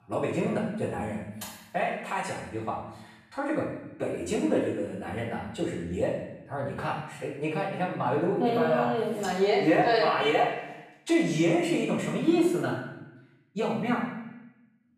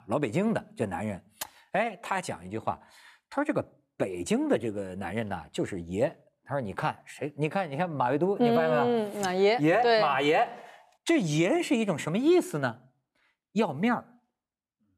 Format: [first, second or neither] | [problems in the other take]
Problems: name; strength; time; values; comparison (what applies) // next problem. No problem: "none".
second | off-mic speech; far // room echo; noticeable; dies away in 0.9 s